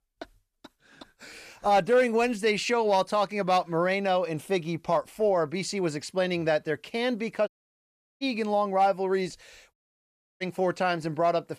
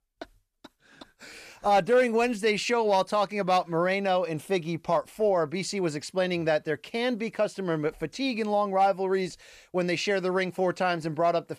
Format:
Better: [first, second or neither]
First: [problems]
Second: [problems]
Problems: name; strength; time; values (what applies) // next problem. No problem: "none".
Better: second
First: audio cutting out; at 7.5 s for 0.5 s and at 9.5 s for 0.5 s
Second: none